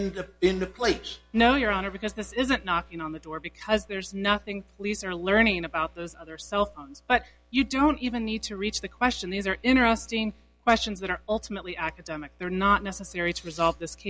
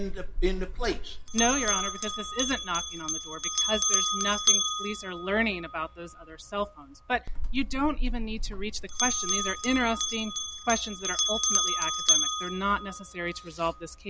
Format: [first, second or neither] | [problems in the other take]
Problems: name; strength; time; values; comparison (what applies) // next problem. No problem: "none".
first | background sound (Bell); 2 dB above the speech